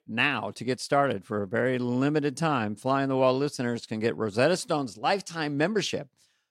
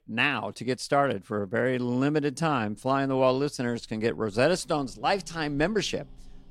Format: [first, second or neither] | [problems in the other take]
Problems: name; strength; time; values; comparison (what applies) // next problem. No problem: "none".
first | animal sounds; faint; throughout; 30 dB below the speech